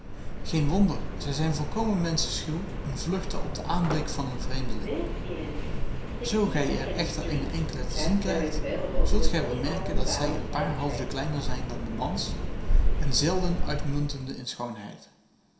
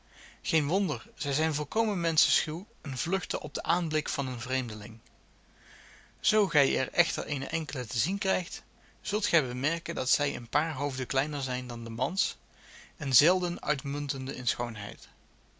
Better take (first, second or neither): second